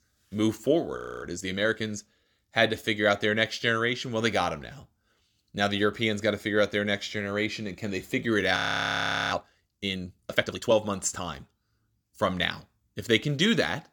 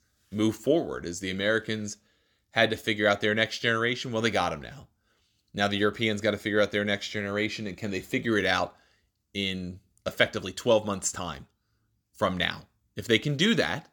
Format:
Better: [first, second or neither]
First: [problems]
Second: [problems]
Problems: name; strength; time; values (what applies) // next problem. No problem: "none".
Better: second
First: audio freezing; at 1 s and at 8.5 s for 1 s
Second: none